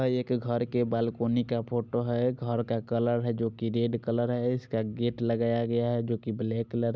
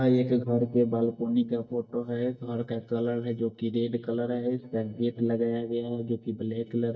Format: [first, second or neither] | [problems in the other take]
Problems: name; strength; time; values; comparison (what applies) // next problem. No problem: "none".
first | noise reduction (neural mask model DeepFilterNet 3)